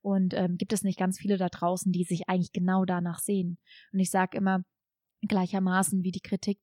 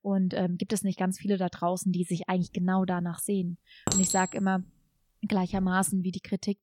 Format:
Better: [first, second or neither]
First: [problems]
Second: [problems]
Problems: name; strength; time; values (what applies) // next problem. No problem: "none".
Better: first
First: none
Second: clattering dishes; loud; from 4 to 5.5 s; peak 3 dB above the speech